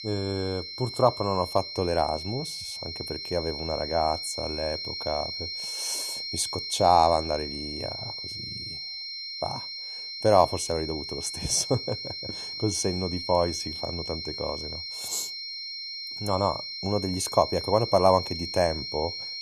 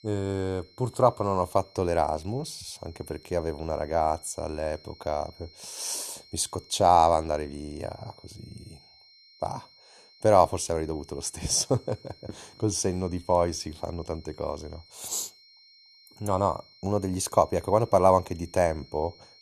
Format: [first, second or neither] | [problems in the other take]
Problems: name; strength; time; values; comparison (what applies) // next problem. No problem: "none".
second | high-pitched whine; loud; throughout; 4 kHz, 6 dB below the speech; faint in the second